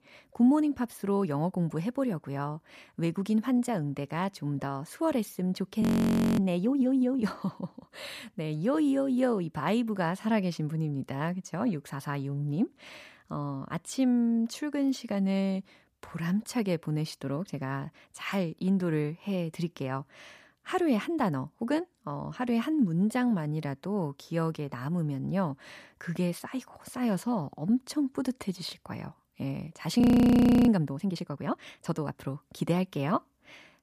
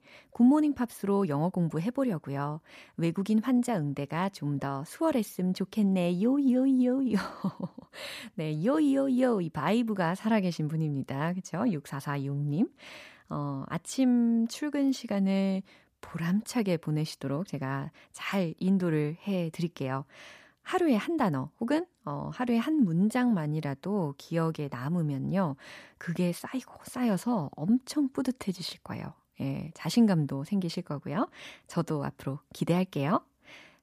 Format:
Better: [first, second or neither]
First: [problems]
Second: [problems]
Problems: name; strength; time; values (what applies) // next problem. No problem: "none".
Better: second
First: audio freezing; at 6 s for 0.5 s and at 30 s for 0.5 s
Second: none